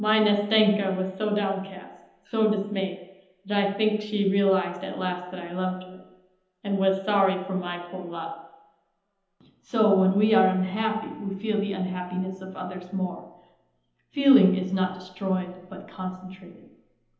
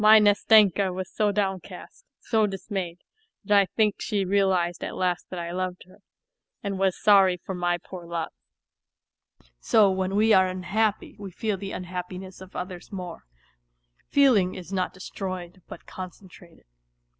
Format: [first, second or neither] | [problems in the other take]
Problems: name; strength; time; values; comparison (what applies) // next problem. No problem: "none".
second | room echo; dies away in 0.9 s